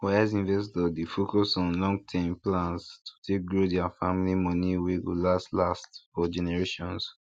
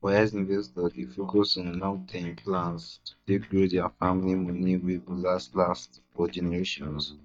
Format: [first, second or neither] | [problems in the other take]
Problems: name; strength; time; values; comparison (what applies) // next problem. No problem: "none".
first | noise reduction (neural mask model DeepFilterNet 3)